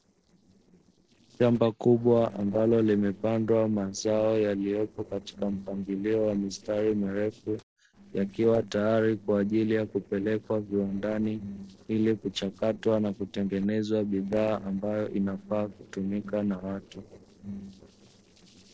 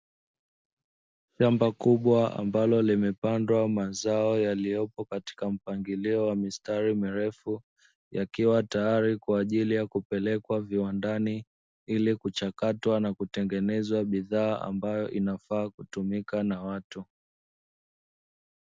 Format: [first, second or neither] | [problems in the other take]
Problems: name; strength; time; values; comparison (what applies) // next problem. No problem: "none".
second | noise reduction (neural separator model SepFormer DNS4)